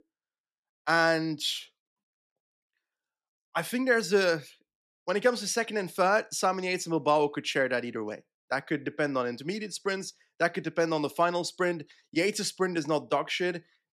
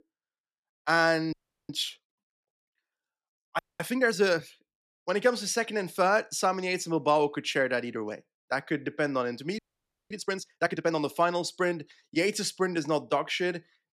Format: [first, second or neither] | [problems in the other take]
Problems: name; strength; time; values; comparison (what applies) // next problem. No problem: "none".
first | audio freezing; at 1.5 s, at 3.5 s and at 9.5 s for 0.5 s